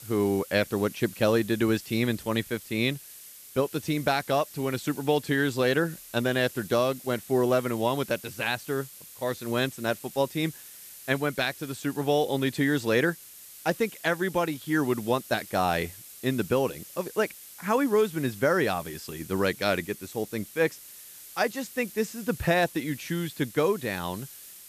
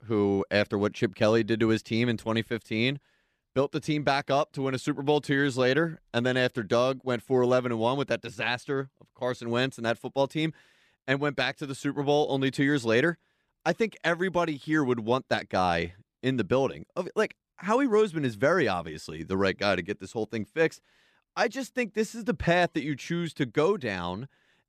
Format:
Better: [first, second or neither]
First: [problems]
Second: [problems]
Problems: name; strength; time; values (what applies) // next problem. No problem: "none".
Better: second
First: hiss; noticeable; throughout; 15 dB below the speech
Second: none